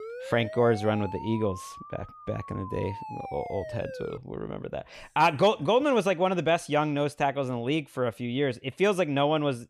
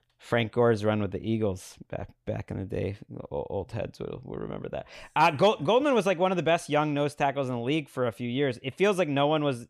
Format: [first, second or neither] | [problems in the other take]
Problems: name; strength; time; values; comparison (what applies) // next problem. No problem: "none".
second | siren; faint; until 4 s; peak 10 dB below the speech